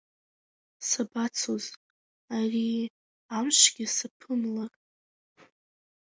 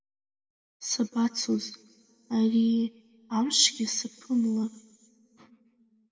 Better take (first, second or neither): first